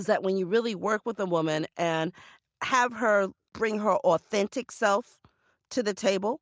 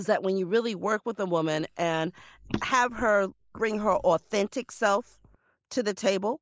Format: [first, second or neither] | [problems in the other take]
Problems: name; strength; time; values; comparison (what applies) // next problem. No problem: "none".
first | noise reduction (neural mask model Resemble Enhance denoiser)